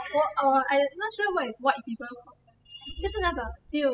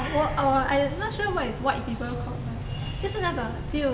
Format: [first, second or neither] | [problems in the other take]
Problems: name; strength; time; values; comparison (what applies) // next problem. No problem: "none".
second | noise reduction (classical method spectral subtraction)